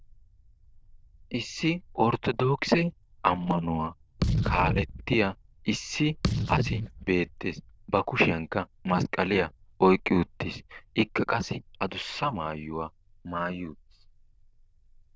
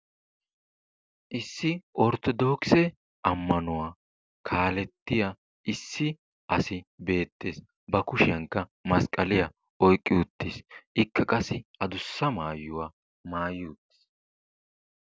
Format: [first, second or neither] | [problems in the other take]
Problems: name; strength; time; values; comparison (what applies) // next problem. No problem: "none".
second | noise reduction (neural diffusion model UNIVERSE++)